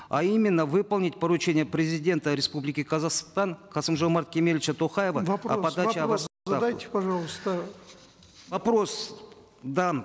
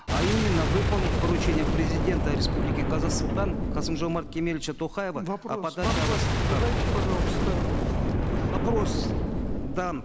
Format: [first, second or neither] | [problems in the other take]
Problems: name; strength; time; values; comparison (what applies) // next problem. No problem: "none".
first | background sound (Boom); 5 dB above the speech